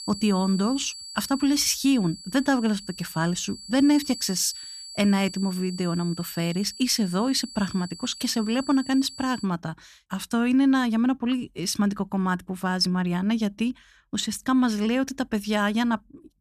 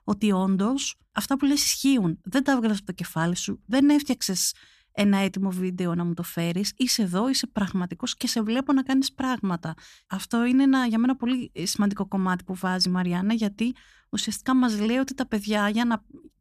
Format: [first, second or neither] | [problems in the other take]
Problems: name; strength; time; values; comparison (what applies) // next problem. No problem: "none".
second | high-pitched whine; noticeable; until 9.5 s; 4.5 kHz, 15 dB below the speech